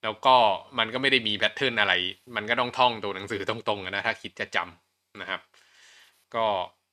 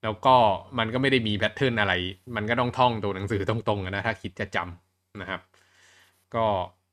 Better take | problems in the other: second | thin; somewhat; fading below 1 kHz

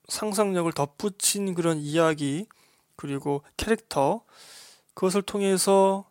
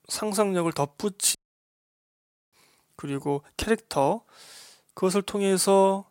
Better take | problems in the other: first | audio cutting out; at 1.5 s for 1 s

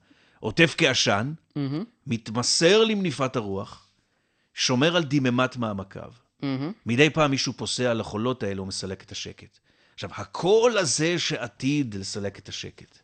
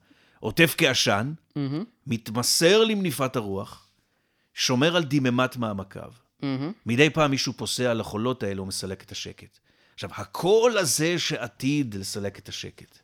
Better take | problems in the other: second | garbled, watery; slightly; nothing above 8.5 kHz

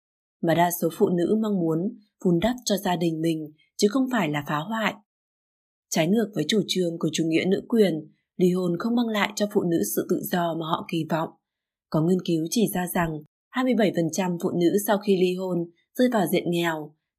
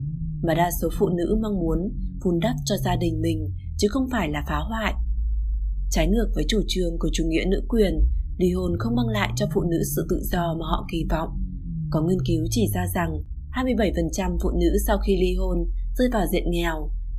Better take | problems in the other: first | low rumble; noticeable; throughout; 20 dB below the speech

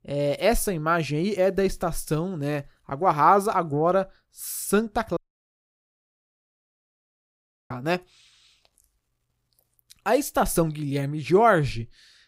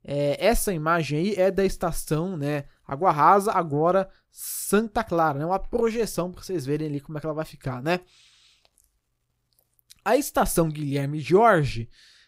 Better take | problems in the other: second | audio cutting out; at 5 s for 2.5 s

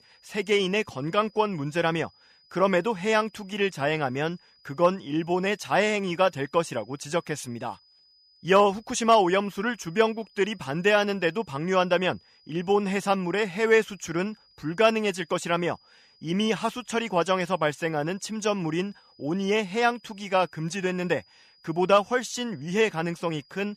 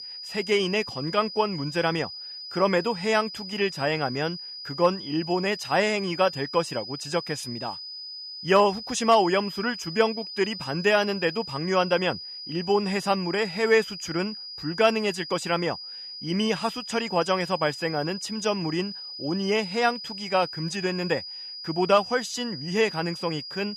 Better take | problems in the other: first | high-pitched whine; loud; throughout; 5 kHz, 10 dB below the speech; faint in the first

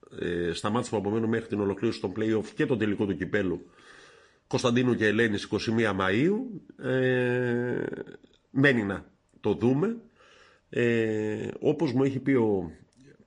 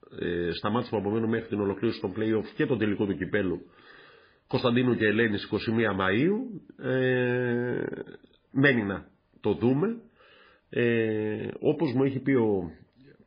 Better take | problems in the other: first | garbled, watery; badly; nothing above 4 kHz; slightly in the first

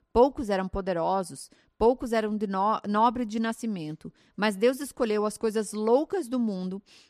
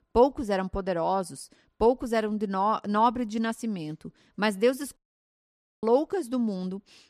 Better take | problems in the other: first | audio cutting out; at 5 s for 1 s

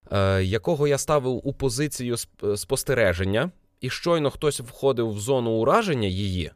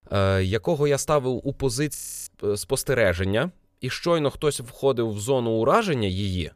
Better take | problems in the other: first | audio freezing; at 2 s

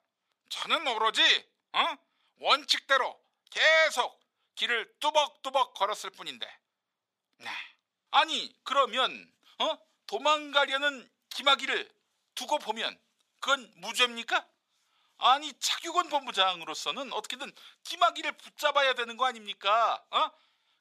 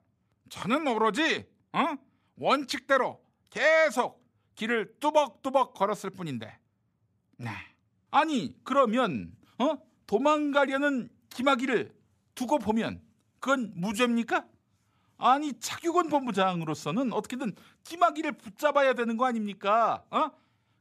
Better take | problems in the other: second | thin; very; fading below 650 Hz

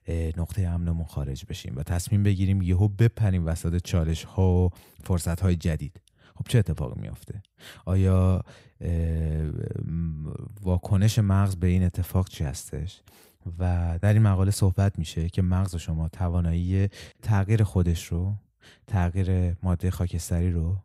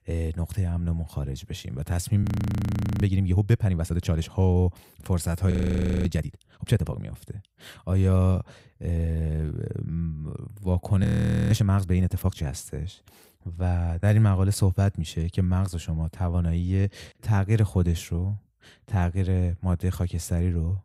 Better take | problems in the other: first | audio freezing; at 2 s for 1 s, at 5.5 s for 0.5 s and at 11 s

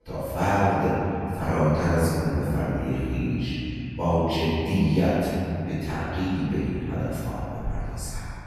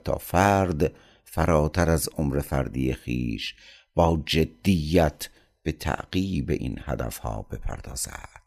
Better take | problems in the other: second | off-mic speech; far // room echo; strong; dies away in 3 s

